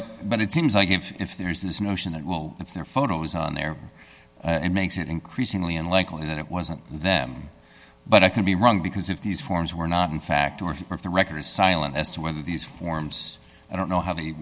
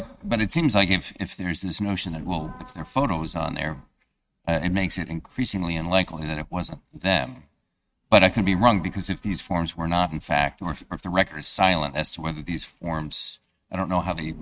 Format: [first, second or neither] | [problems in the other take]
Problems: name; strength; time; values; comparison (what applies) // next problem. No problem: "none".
first | noise reduction (neural mask model RNNoise)